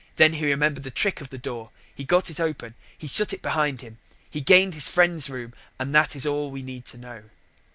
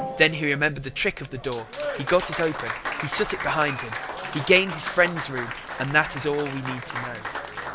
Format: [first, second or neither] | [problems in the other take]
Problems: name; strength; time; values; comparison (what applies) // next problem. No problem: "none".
first | background sound (Applause); 7 dB below the speech